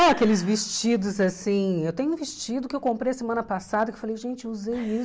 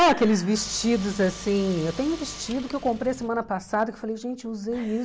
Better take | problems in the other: first | background sound (Car); 16 dB below the speech

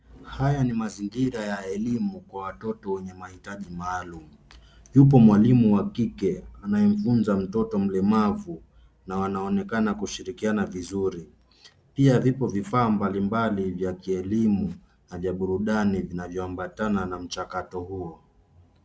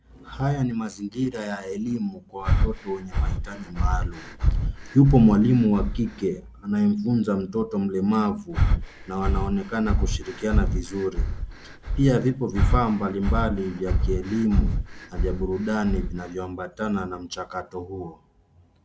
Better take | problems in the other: first | background sound (Breathing); as loud as the speech

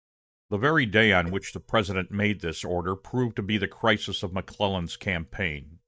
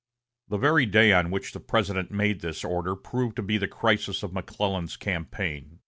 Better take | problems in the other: second | noise reduction (neural mask model DeepFilterNet 3)

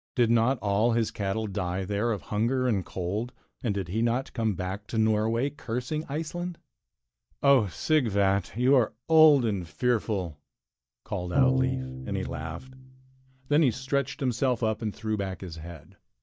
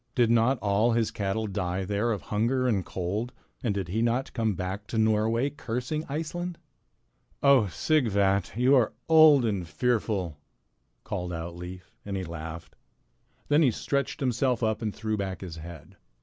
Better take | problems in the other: second | noise reduction (neural mask model DeepFilterNet 3)

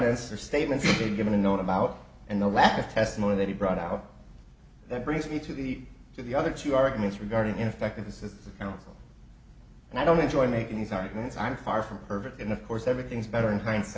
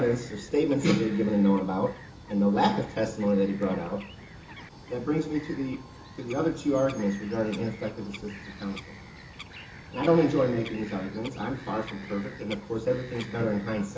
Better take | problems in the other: first | background sound (Bird vocalization, bird call, bird song); 17 dB below the speech // room echo; dies away in 0.2 s

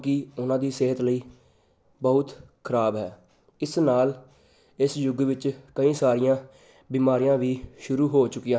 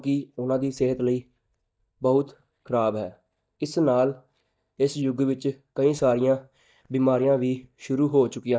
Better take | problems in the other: first | noise reduction (neural mask model DeepFilterNet 3)

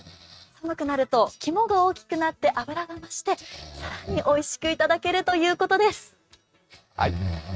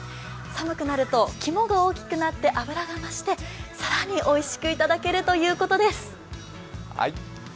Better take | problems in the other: second | noise reduction (neural mask model RNNoise)

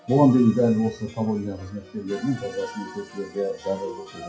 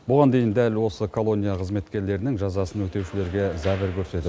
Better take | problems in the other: second | noise reduction (classical method WPE with log-MMSE)

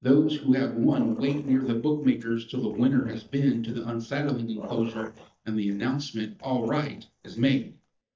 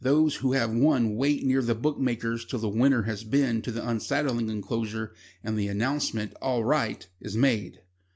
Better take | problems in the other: second | noise reduction (neural mask model DeepFilterNet 3)

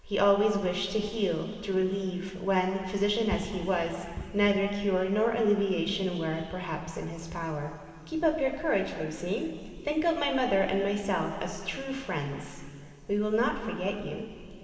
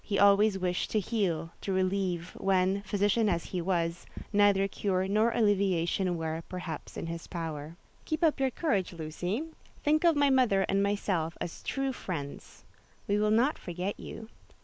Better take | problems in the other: second | room echo; dies away in 2.5 s

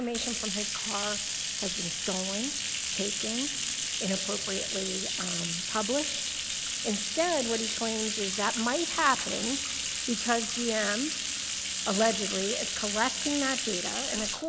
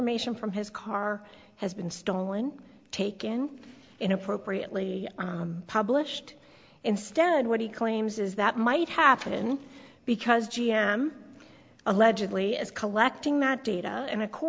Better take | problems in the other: second | background sound (Bathtub (filling or washing)); as loud as the speech

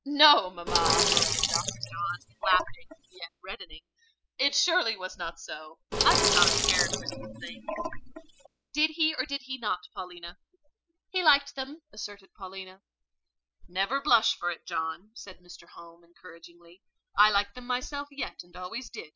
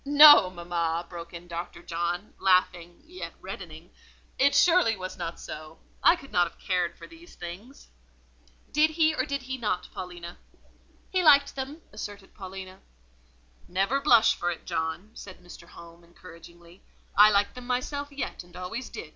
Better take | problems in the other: second | noise reduction (classical method spectral subtraction)

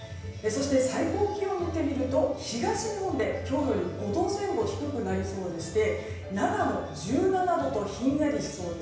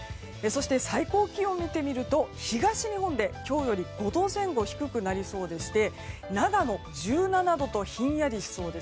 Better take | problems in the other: second | room echo; dies away in 0.9 s

